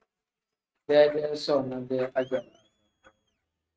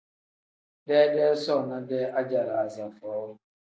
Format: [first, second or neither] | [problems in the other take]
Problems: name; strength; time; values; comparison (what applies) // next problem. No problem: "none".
second | noise reduction (neural mask model RNNoise)